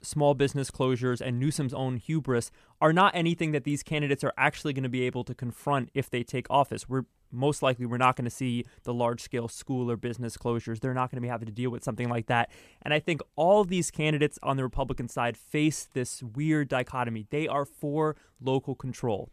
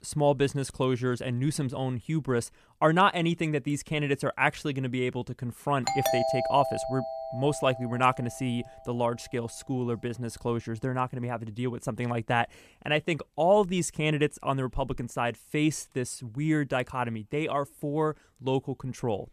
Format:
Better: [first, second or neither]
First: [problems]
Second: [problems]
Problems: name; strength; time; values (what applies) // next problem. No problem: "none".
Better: first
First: none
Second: doorbell; loud; from 6 to 8 s; peak 2 dB above the speech